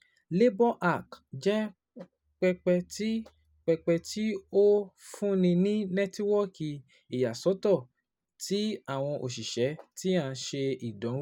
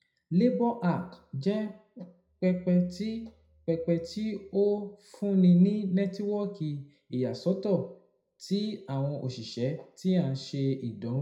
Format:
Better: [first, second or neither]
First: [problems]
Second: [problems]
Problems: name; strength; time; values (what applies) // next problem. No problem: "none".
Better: first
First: none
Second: room echo; dies away in 0.4 s